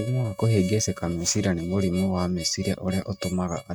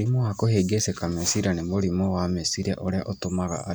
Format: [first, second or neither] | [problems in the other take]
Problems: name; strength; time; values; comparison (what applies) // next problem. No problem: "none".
second | noise reduction (neural mask model RNNoise)